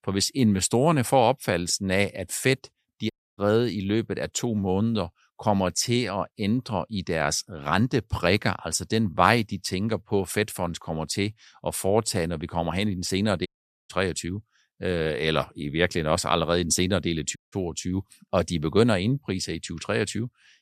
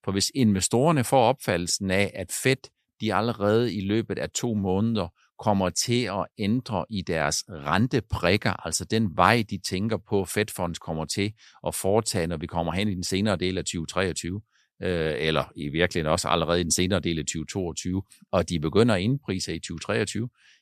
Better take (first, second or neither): second